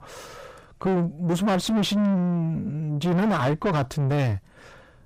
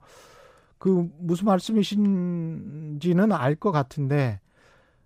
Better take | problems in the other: second | distortion; heavy; 5 dB below the speech

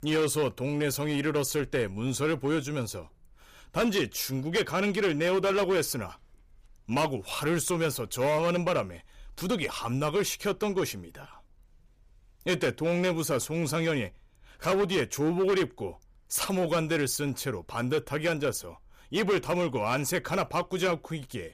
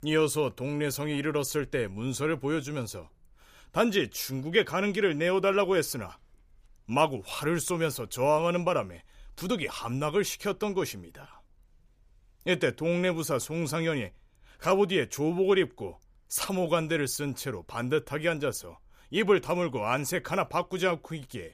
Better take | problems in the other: second | distortion; slight; 8% of the sound clipped

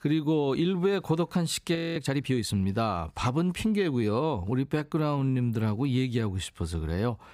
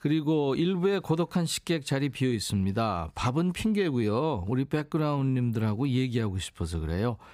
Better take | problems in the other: second | audio freezing; at 2 s

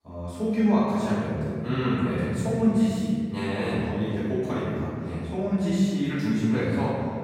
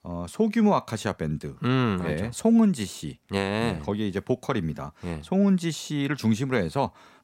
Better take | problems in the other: second | room echo; strong; dies away in 2.4 s // off-mic speech; far

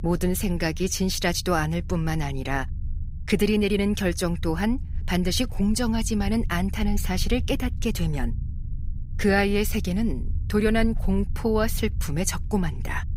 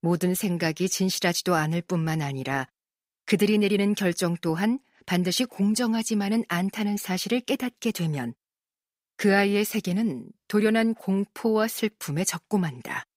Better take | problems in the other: second | low rumble; faint; throughout; 20 dB below the speech

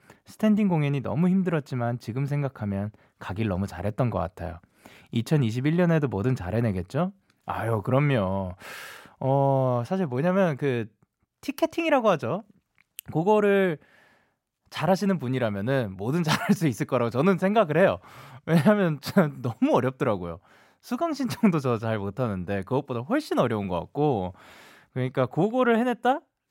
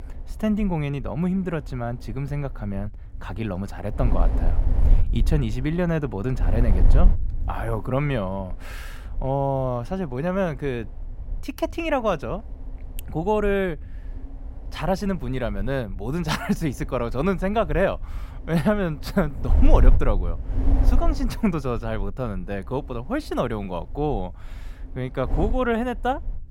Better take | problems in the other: first | wind noise on the microphone; occasional gusts; 15 dB below the speech

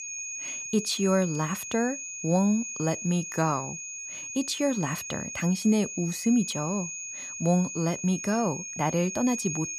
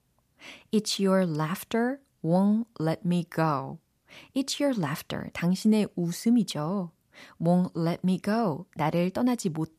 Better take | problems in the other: second | high-pitched whine; loud; throughout; 6.5 kHz, 7 dB below the speech

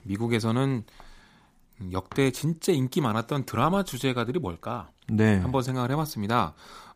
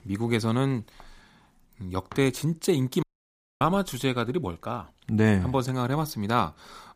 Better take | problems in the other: first | audio cutting out; at 3 s for 0.5 s

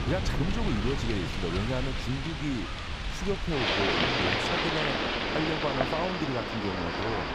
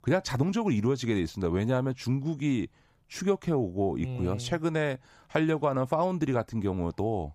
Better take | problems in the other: second | wind in the background; very loud; throughout; 3 dB above the speech

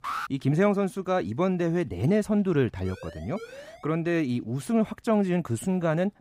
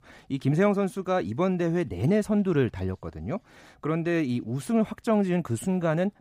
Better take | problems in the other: second | alarm; noticeable; at the start; peak 6 dB below the speech // siren; faint; from 3 to 4 s; peak 15 dB below the speech

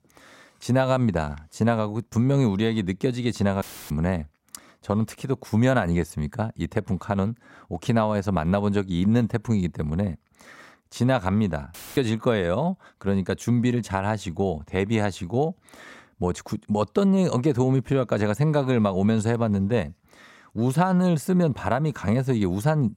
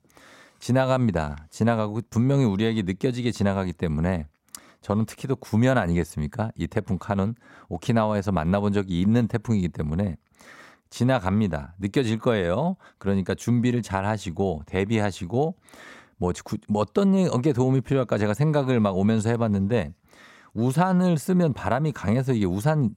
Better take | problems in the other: second | audio cutting out; filled with static; at 3.5 s and at 12 s

